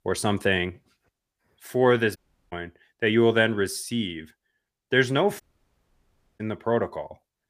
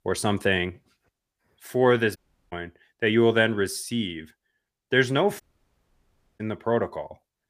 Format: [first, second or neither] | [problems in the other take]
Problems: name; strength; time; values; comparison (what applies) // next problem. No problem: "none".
neither | audio cutting out; at 2 s and at 5.5 s for 1 s; the same in both